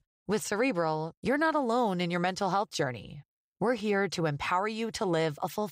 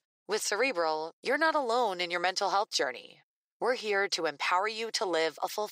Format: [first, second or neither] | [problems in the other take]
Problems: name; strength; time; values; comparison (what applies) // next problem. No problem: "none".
first | thin; somewhat; fading below 400 Hz